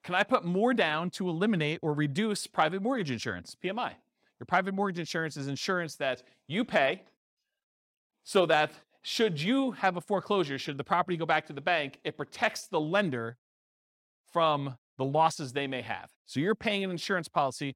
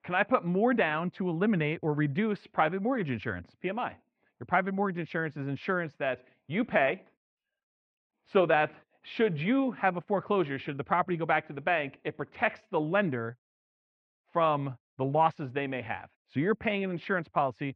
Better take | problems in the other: first | muffled; very; fading above 2.5 kHz

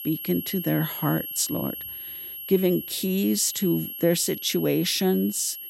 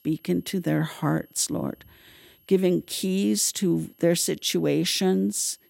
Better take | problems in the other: second | high-pitched whine; loud; throughout; 11.5 kHz, 8 dB below the speech; faint in the second

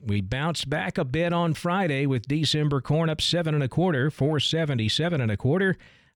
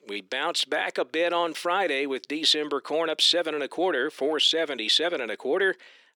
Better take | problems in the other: first | thin; very; fading below 350 Hz

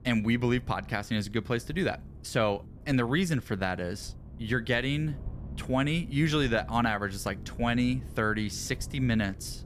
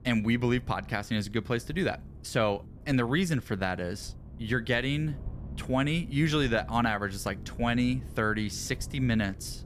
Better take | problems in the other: neither | low rumble; faint; throughout; 25 dB below the speech; the same in both

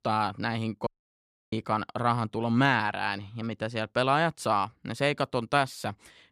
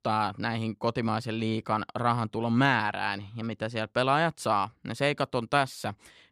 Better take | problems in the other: second | audio cutting out; at 1 s for 0.5 s

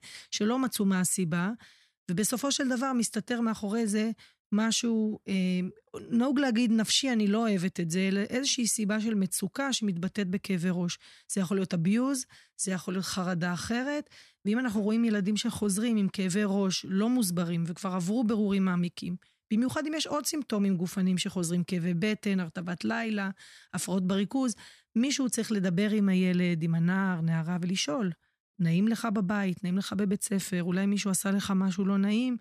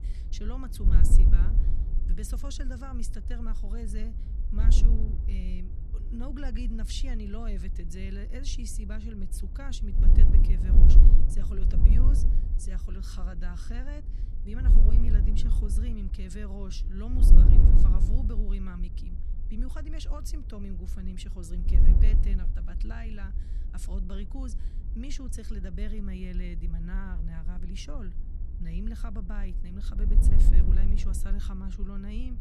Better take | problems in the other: first | wind noise on the microphone; heavy; 2 dB below the speech

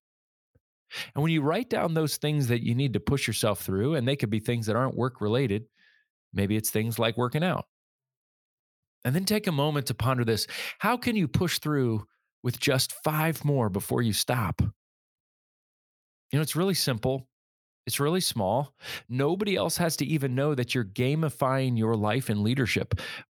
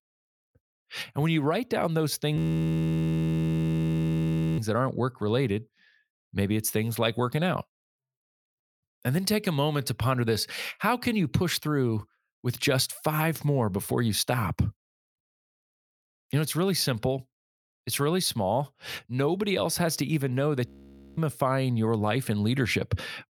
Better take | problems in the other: first | audio freezing; at 2.5 s for 2 s and at 21 s for 0.5 s

